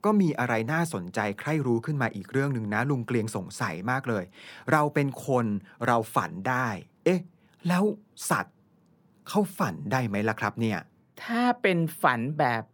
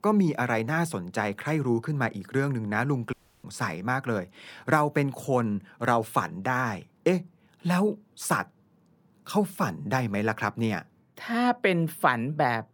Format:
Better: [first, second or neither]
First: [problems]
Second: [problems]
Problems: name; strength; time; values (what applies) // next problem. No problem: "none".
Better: first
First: none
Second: audio cutting out; at 3 s